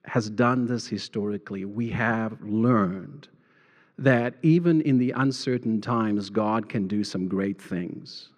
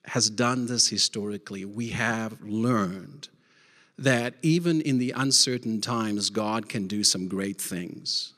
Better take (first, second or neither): second